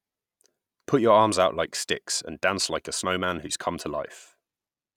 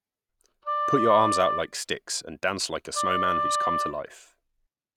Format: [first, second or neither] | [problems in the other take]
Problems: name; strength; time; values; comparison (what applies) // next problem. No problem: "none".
first | background sound (Wind instrument, woodwind instrument); as loud as the speech